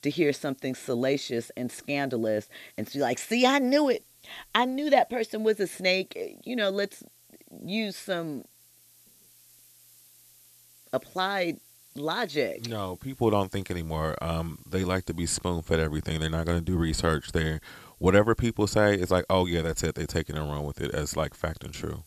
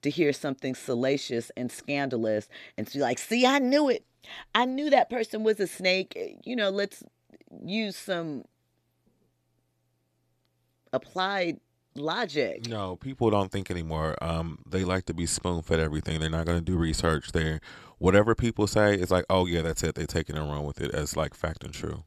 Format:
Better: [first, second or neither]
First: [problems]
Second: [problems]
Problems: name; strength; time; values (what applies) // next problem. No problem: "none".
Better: second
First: hiss; faint; throughout; 25 dB below the speech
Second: none